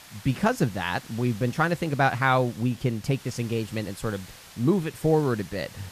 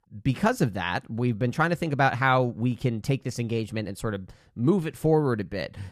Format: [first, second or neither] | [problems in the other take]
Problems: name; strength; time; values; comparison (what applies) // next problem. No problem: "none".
second | hiss; noticeable; throughout; 20 dB below the speech